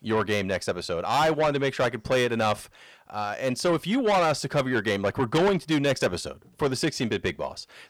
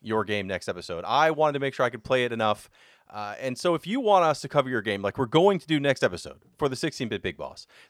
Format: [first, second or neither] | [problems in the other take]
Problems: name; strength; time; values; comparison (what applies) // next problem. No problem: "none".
second | distortion; heavy; 7 dB below the speech